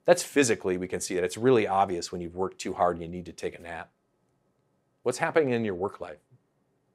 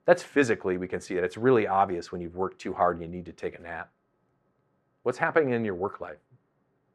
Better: first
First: none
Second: muffled; slightly; fading above 2 kHz

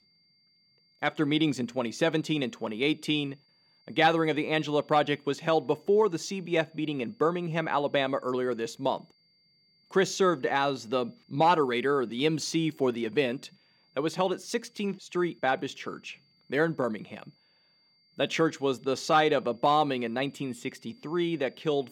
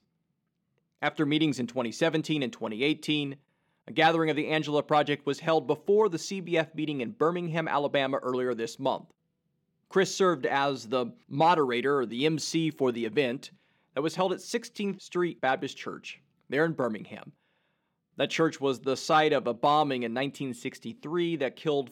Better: second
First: high-pitched whine; faint; throughout; 4.5 kHz, 35 dB below the speech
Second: none

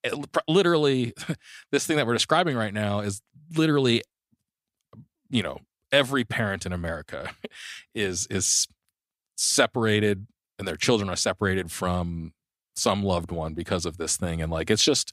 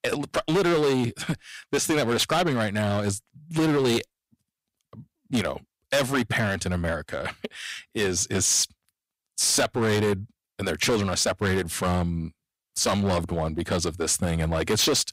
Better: first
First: none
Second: distortion; heavy; 11% of the sound clipped

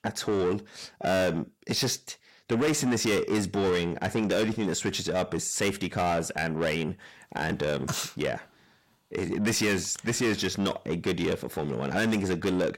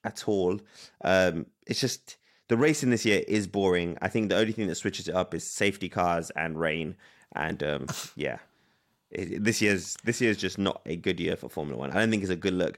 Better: second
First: distortion; heavy; 7 dB below the speech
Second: none

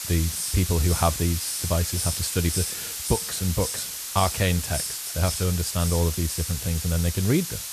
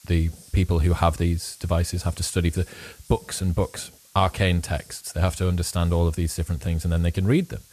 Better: second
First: hiss; loud; throughout; 3 dB below the speech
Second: hiss; faint; throughout; 25 dB below the speech

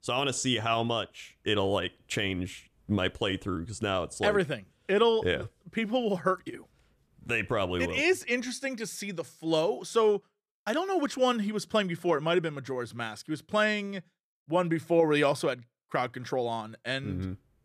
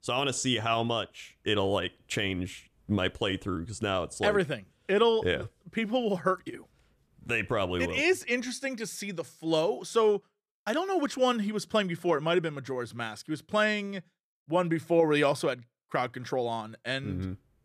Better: neither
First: none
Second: none

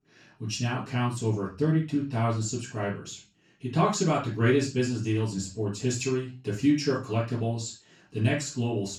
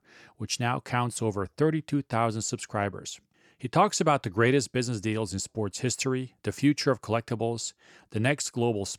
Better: second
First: room echo; noticeable; dies away in 0.3 s // off-mic speech; far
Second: none

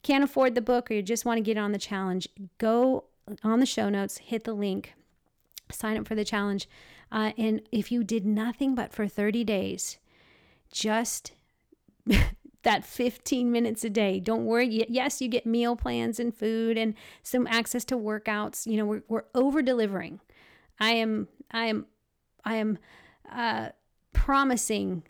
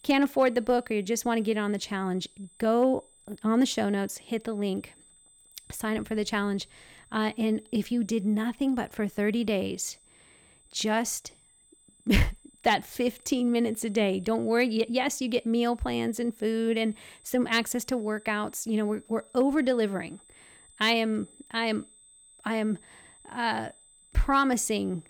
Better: first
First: none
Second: high-pitched whine; faint; throughout; 8 kHz, 25 dB below the speech

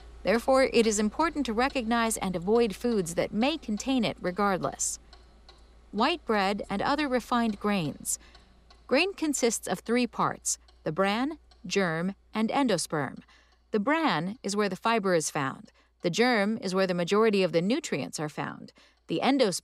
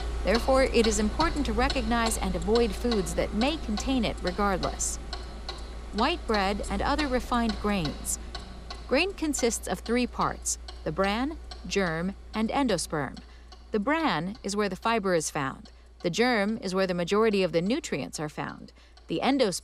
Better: first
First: household noises; faint; throughout; 25 dB below the speech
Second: household noises; loud; throughout; 9 dB below the speech

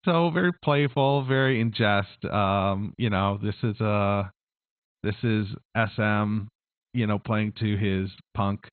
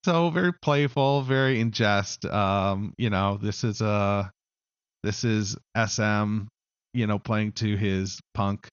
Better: second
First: garbled, watery; badly; nothing above 4 kHz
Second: garbled, watery; slightly; nothing above 6.5 kHz

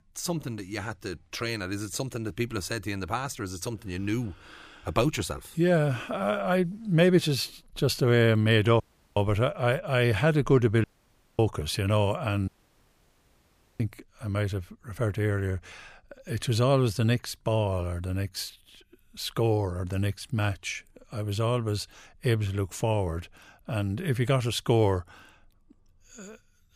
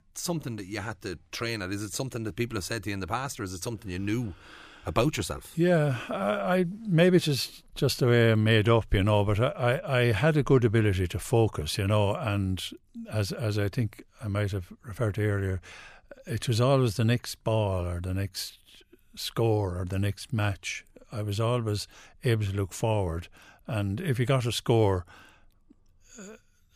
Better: second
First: audio cutting out; at 9 s, at 11 s for 0.5 s and at 12 s for 1.5 s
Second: none

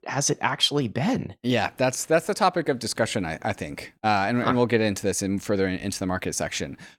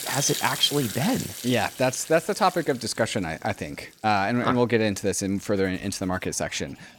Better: first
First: none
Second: household noises; loud; throughout; 8 dB below the speech

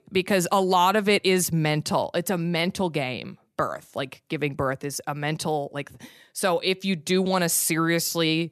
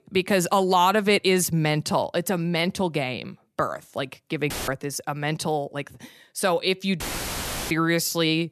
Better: first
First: none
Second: audio cutting out; filled with static; at 4.5 s and at 7 s for 0.5 s

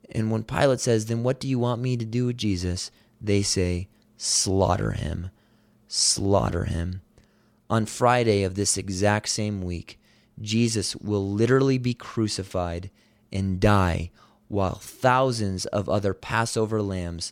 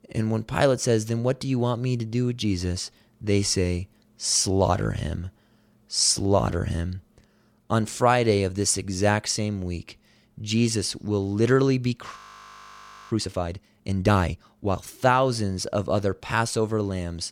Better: first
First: none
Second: audio freezing; at 12 s for 1 s

